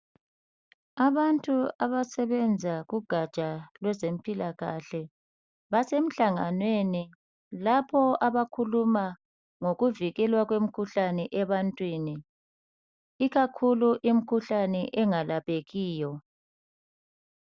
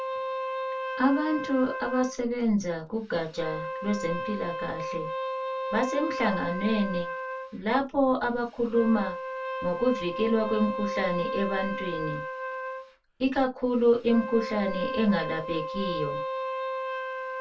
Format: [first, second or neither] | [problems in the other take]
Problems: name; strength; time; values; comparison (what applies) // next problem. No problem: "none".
first | background sound (Wind instrument, woodwind instrument); 6 dB below the speech // room echo; dies away in 0.2 s